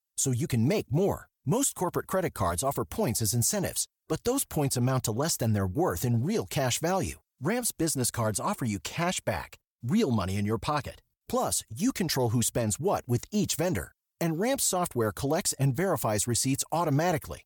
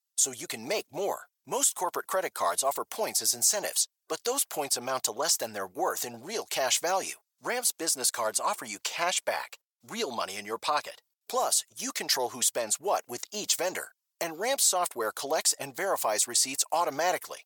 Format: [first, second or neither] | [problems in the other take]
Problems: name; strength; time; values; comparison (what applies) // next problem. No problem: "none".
first | thin; very; fading below 650 Hz